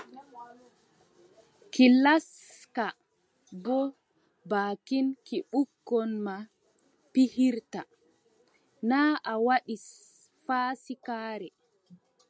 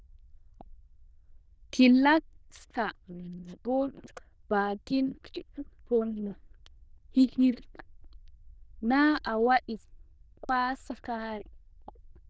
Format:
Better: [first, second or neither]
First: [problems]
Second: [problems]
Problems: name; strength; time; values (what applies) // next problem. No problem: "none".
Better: first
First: none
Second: noise reduction (neural diffusion model UNIVERSE++)